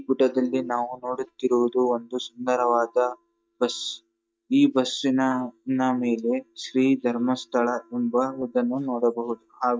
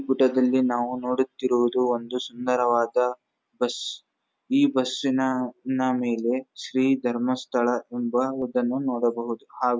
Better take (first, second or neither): second